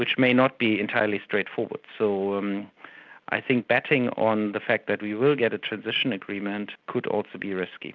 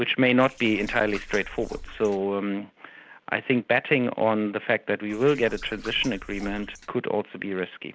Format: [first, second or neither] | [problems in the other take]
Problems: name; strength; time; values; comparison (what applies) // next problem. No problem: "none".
first | background sound (Liquid); 16 dB below the speech